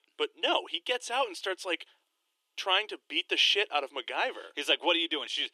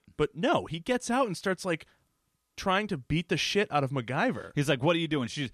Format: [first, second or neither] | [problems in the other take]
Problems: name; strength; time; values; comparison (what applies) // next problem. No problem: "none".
second | thin; very; fading below 350 Hz